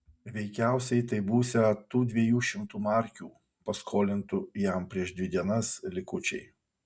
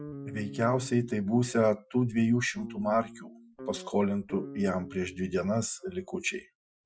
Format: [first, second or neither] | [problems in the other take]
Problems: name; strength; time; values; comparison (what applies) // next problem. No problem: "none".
first | noise reduction (classical method Wiener filter)